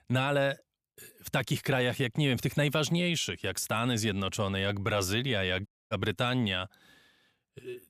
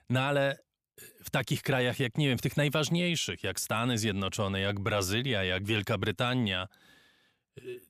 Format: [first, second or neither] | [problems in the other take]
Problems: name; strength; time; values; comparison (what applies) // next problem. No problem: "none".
second | audio cutting out; at 5.5 s